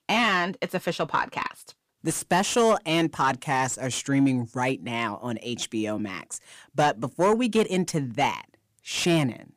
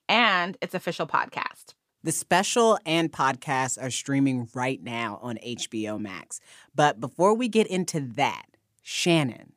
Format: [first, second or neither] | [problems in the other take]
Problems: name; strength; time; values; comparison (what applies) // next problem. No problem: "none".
second | distortion; slight; 10 dB below the speech